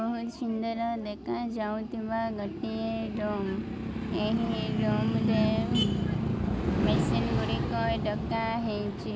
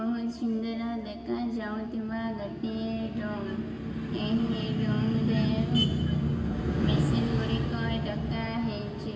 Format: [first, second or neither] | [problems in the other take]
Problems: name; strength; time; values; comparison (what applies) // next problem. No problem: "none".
first | room echo; dies away in 1.8 s